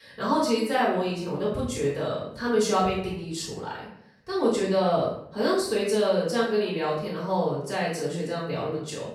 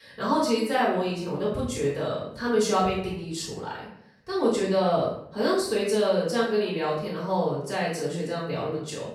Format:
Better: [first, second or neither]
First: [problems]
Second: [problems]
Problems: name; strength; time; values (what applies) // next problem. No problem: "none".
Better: neither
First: room echo; noticeable; dies away in 0.5 s // off-mic speech; far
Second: room echo; noticeable; dies away in 0.5 s // off-mic speech; far